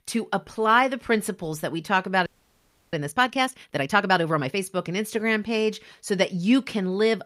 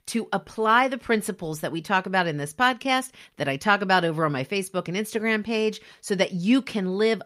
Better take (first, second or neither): second